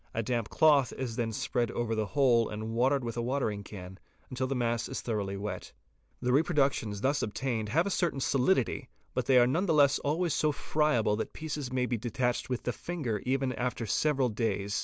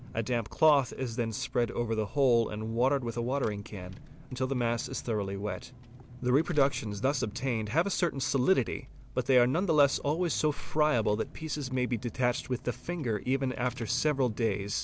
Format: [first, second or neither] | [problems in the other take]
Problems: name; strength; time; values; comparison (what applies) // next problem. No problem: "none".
first | background sound (Engine / Car); 19 dB below the speech